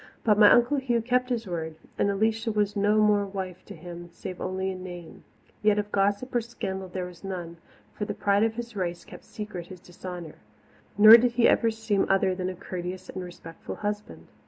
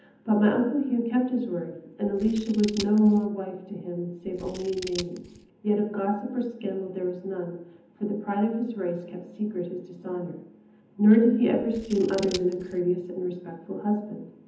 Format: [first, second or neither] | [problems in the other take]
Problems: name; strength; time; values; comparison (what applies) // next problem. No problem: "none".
first | background sound (Scissors); 16 dB below the speech // room echo; dies away in 0.8 s